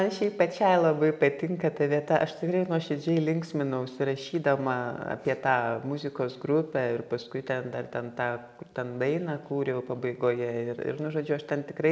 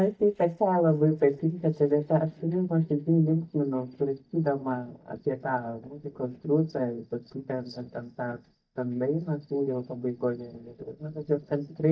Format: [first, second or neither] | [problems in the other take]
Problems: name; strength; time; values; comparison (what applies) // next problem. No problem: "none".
first | noise reduction (neural mask model DeepFilterNet 3)